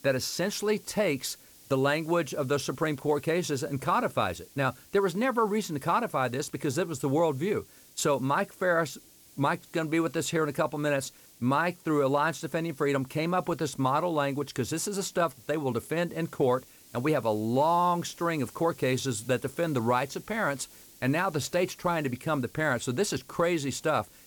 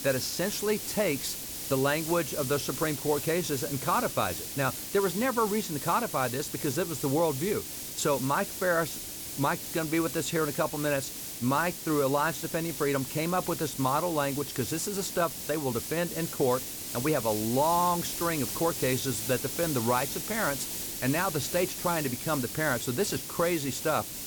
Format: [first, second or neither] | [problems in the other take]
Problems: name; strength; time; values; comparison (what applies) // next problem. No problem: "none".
first | hiss; loud; throughout; 5 dB below the speech; faint in the first